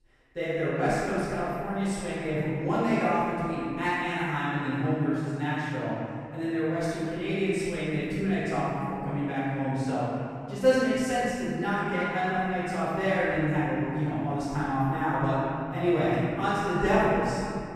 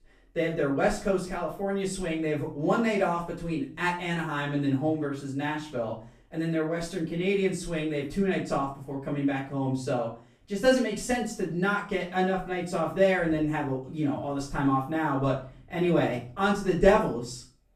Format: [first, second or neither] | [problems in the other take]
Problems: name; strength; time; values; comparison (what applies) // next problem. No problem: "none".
second | room echo; strong; dies away in 2.6 s; slight in the second // off-mic speech; far; far in the second